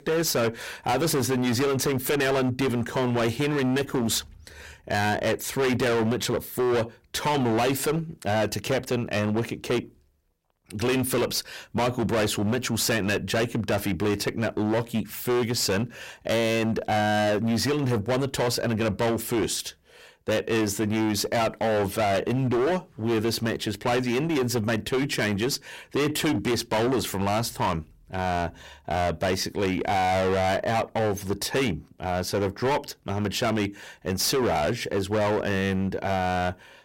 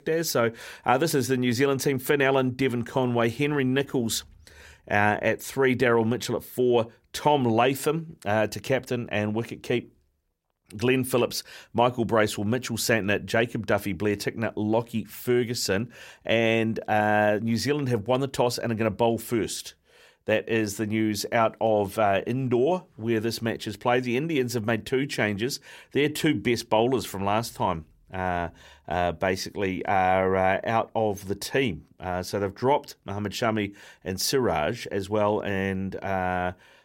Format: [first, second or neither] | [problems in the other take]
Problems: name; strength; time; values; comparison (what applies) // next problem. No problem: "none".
second | distortion; heavy; 22% of the sound clipped